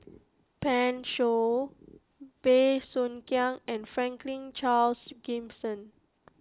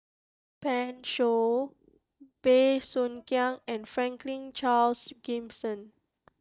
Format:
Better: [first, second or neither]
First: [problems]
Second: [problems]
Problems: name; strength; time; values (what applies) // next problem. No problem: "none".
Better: first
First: none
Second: noise reduction (neural mask model DeepFilterNet 3)